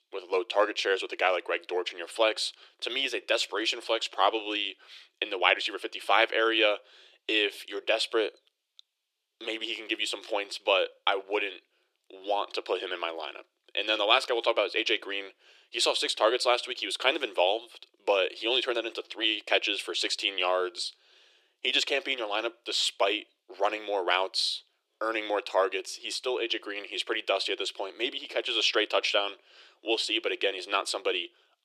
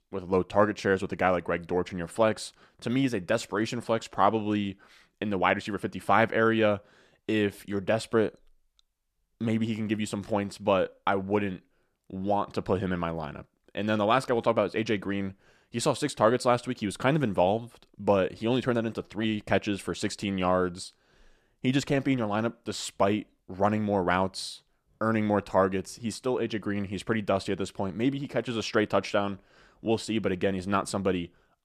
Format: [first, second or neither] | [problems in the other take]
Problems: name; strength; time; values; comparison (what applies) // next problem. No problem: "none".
second | thin; very; fading below 350 Hz